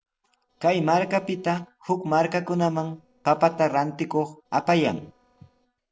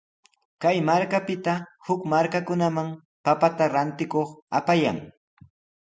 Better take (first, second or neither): second